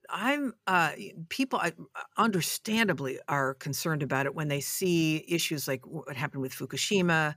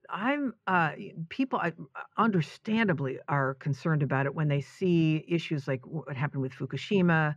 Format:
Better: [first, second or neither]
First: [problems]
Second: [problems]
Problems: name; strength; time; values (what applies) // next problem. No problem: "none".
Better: first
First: none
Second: muffled; very; fading above 2 kHz